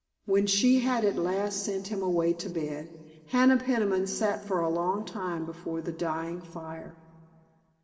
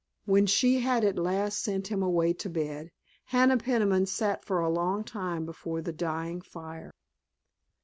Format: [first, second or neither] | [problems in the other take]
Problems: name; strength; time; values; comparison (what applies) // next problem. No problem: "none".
second | room echo; dies away in 2 s